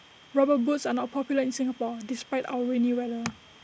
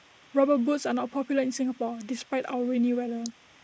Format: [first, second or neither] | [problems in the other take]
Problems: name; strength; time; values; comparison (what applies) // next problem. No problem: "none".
first | noise reduction (neural mask model Resemble Enhance denoiser)